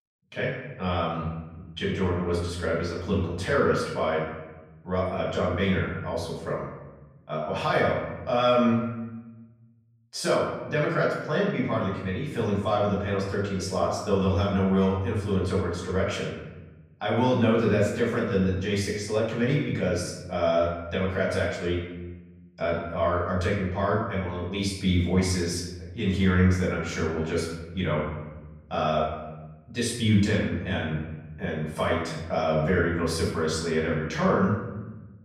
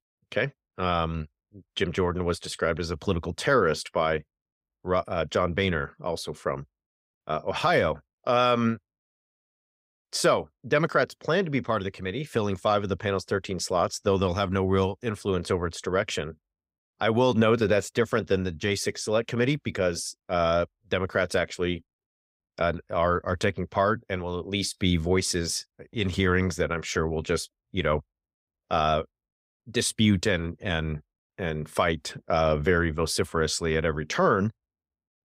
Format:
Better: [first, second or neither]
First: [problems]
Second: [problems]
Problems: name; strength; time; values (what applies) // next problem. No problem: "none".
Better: second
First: off-mic speech; far // room echo; noticeable; dies away in 1.2 s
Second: none